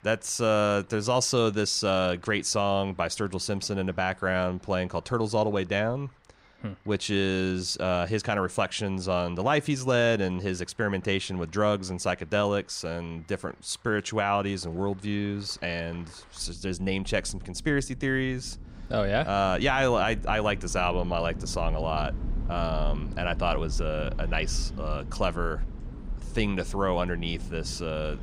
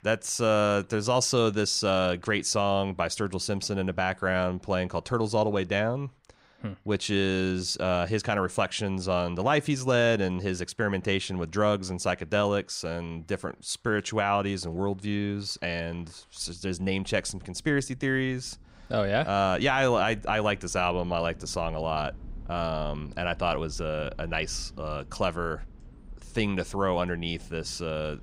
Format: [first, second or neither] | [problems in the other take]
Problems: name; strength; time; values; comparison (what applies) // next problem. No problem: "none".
second | rain or running water; loud; throughout; 10 dB below the speech; faint in the second